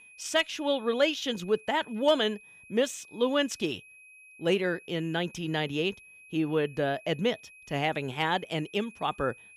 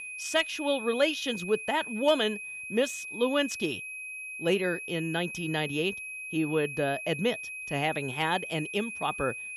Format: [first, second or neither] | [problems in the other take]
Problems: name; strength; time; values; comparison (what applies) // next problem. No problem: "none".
first | high-pitched whine; loud; throughout; 2.5 kHz, 7 dB below the speech; faint in the first